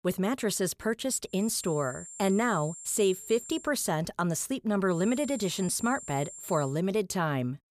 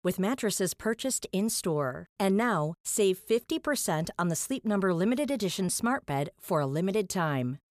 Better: second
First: high-pitched whine; noticeable; from 1.5 to 3.5 s and from 5 to 6.5 s; 7.5 kHz, 15 dB below the speech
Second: none

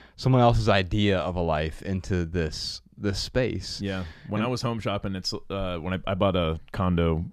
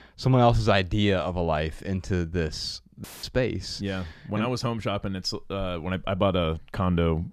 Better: first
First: none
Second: audio cutting out; filled with static; at 3 s

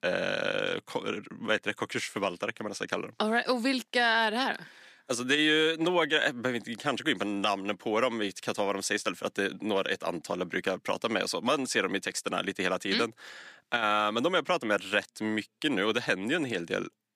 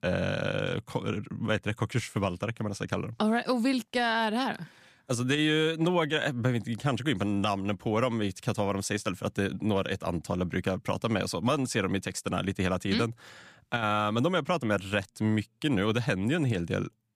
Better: second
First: thin; somewhat; fading below 350 Hz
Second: none

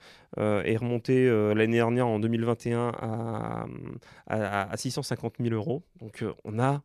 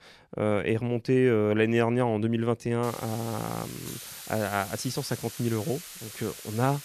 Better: first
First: none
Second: hiss; noticeable; from 3 s on; 10 dB below the speech

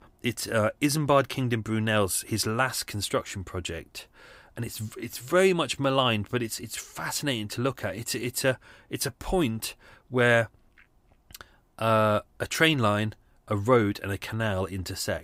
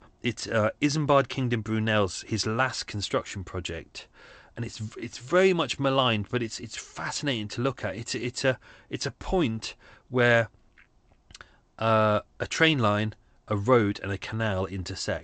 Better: first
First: none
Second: garbled, watery; slightly; nothing above 8 kHz

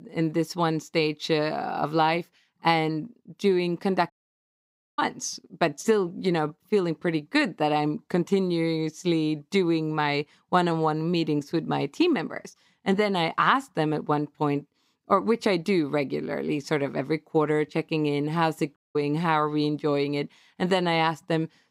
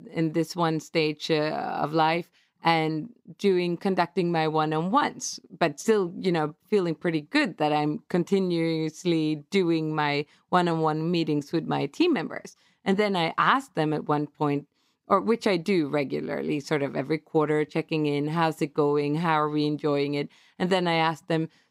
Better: second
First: audio cutting out; at 4 s for 1 s and at 19 s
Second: none

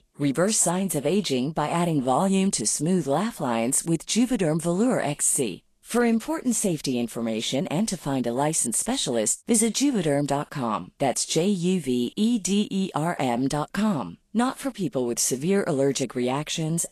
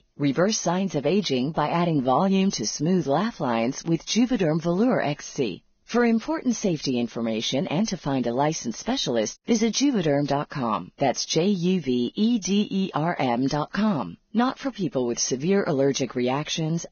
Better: first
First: garbled, watery; slightly; nothing above 12.5 kHz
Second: garbled, watery; badly; nothing above 6.5 kHz

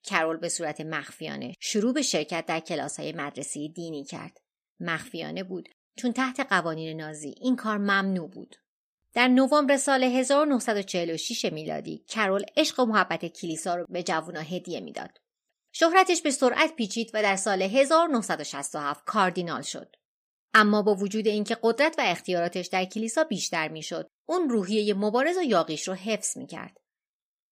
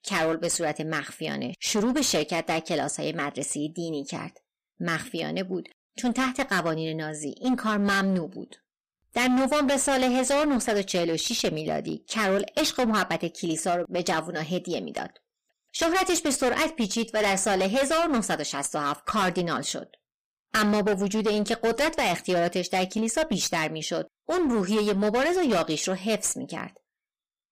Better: first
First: none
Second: distortion; heavy; 15% of the sound clipped

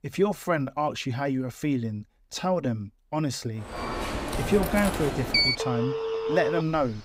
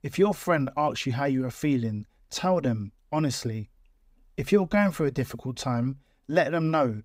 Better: second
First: alarms or sirens; very loud; from 4 s on; as loud as the speech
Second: none

